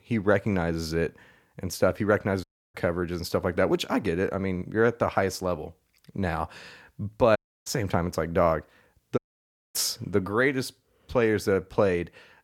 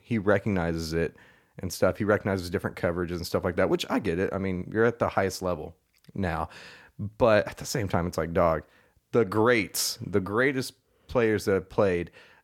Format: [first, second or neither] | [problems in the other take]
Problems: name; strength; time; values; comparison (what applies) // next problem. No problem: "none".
second | audio cutting out; at 2.5 s, at 7.5 s and at 9 s for 0.5 s